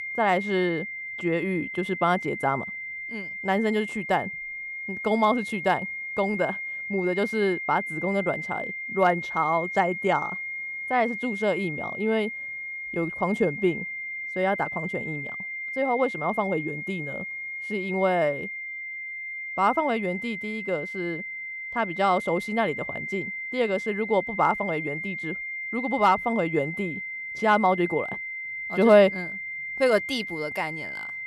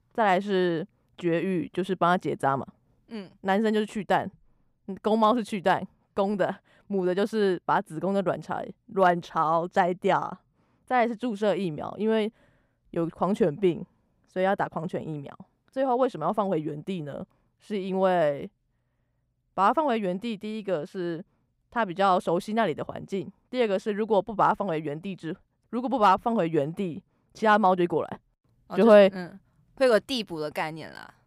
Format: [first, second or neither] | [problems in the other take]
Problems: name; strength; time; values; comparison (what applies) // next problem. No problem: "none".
second | high-pitched whine; loud; throughout; 2 kHz, 6 dB below the speech